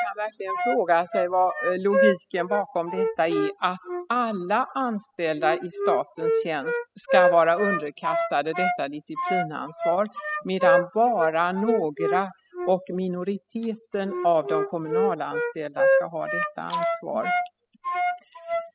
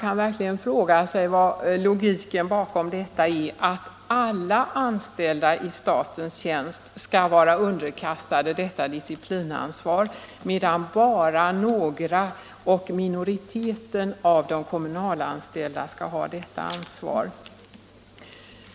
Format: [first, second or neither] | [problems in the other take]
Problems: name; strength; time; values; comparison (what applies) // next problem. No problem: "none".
second | noise reduction (classical method spectral subtraction)